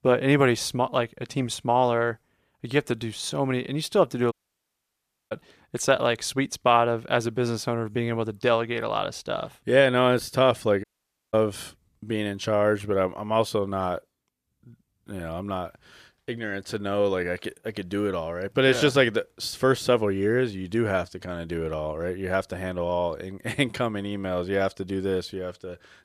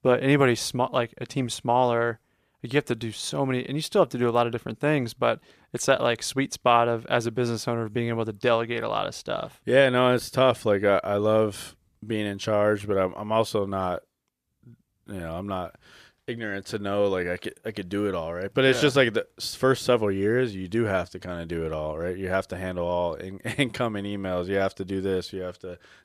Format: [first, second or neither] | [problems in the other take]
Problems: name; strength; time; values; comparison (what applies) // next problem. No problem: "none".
second | audio cutting out; at 4.5 s for 1 s and at 11 s